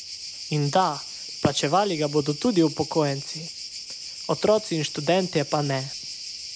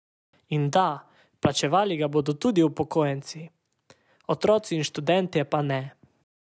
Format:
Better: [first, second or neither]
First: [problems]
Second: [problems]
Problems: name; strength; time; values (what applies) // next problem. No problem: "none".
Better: second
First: background sound (Cricket); 11 dB below the speech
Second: none